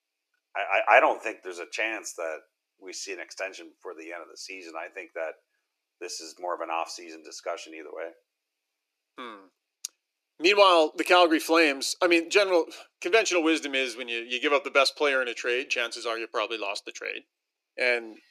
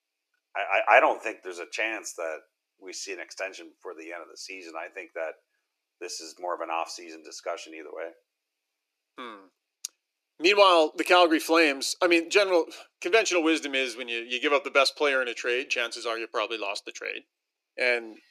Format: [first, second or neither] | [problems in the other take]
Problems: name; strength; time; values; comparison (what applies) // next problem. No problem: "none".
neither | thin; very; fading below 350 Hz; the same in both